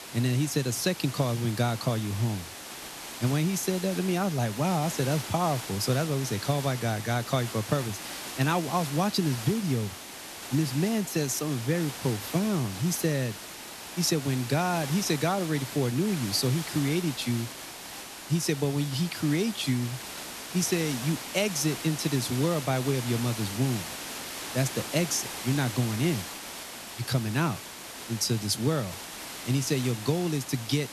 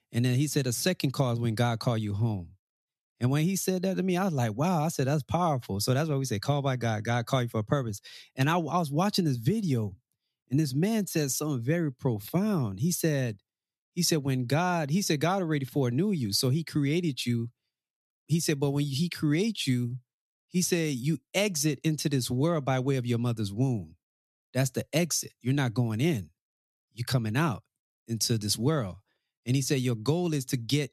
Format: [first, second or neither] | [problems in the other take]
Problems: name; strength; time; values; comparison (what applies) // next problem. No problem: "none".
second | hiss; loud; throughout; 9 dB below the speech